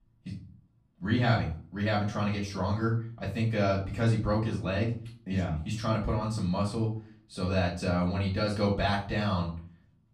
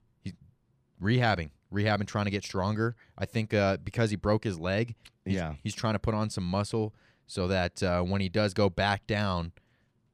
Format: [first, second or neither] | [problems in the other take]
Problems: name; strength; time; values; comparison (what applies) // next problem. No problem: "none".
second | off-mic speech; far // room echo; slight; dies away in 0.4 s